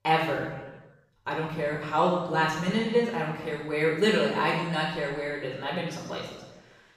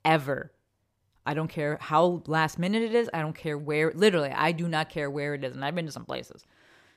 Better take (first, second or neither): second